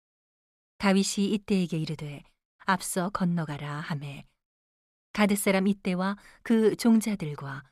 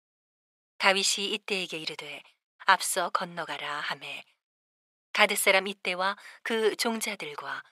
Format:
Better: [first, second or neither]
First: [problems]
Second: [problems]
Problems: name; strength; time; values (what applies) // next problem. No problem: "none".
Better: first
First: none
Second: thin; very; fading below 600 Hz